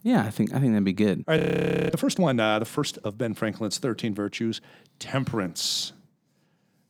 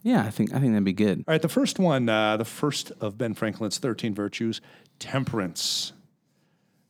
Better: second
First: audio freezing; at 1.5 s for 0.5 s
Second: none

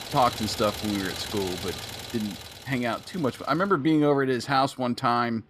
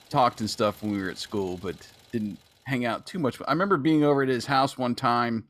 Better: second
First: traffic noise; loud; throughout; 9 dB below the speech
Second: traffic noise; faint; throughout; 25 dB below the speech

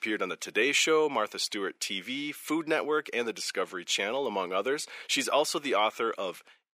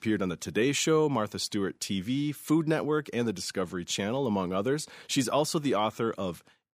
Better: second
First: thin; somewhat; fading below 450 Hz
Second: none

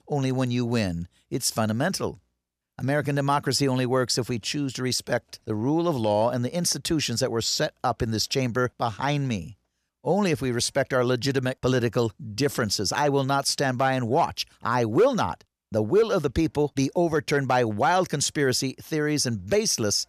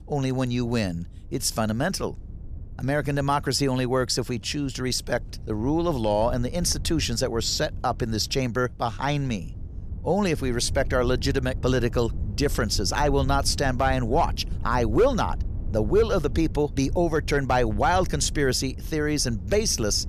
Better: first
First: none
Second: low rumble; faint; throughout; 25 dB below the speech

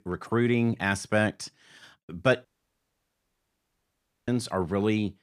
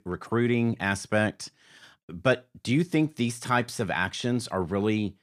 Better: second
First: audio cutting out; at 2.5 s for 2 s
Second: none

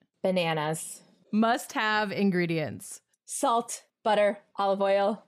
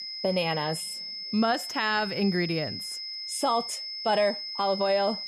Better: first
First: none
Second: high-pitched whine; loud; throughout; 5 kHz, 6 dB below the speech

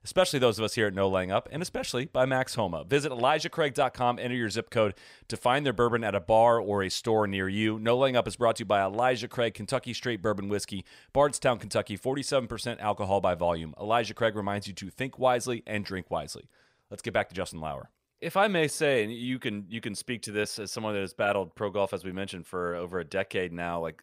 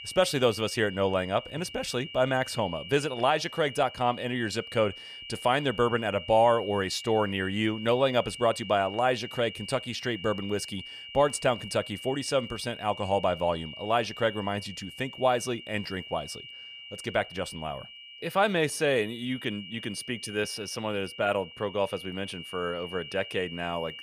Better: first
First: none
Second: high-pitched whine; noticeable; throughout; 3 kHz, 10 dB below the speech

